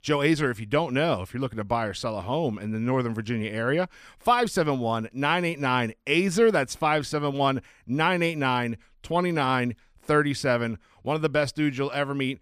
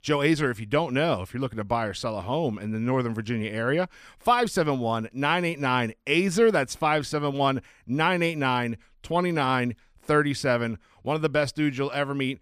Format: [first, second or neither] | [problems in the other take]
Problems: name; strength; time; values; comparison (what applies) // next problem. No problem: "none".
neither | none